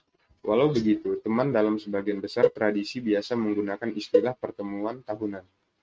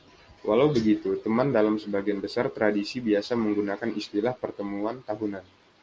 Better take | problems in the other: second | noise reduction (neural mask model RNNoise)

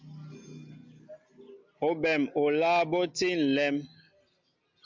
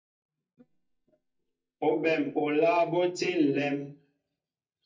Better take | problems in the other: first | noise reduction (neural mask model DeepFilterNet 3)

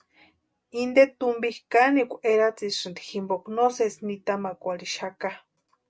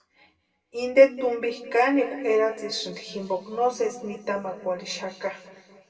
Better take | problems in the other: first | room echo; dies away in 1.9 s

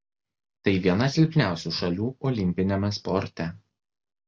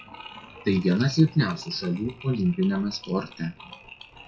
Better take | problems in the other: first | noise reduction (classical method WPE with log-MMSE)

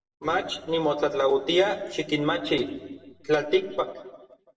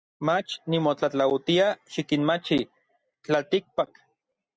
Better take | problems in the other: second | noise reduction (neural separator model SepFormer DNS4)

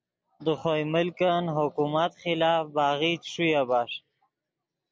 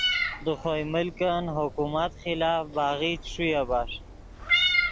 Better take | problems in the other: first | background sound (Meow); 2 dB below the speech

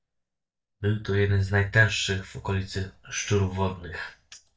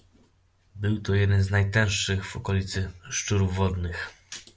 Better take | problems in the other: second | noise reduction (neural mask model DeepFilterNet 3)

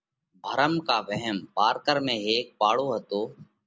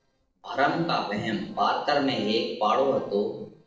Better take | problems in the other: first | noise reduction (neural separator model SepFormer DNS4)

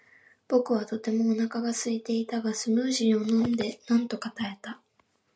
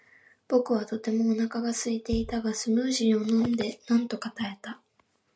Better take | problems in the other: first | background sound (Bass drum); 17 dB below the speech

